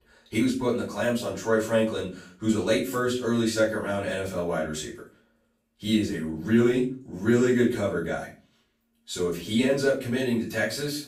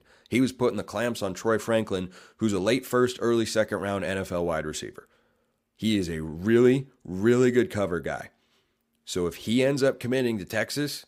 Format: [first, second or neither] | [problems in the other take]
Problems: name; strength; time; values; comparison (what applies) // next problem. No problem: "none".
second | room echo; slight; dies away in 0.3 s // off-mic speech; far